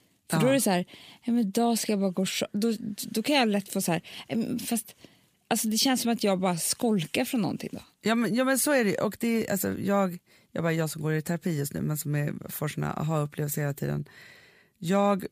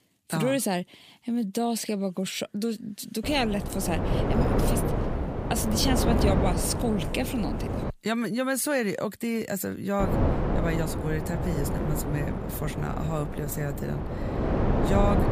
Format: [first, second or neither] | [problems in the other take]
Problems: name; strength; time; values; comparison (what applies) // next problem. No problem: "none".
first | wind noise on the microphone; heavy; from 3 to 8 s and from 10 s on; 2 dB below the speech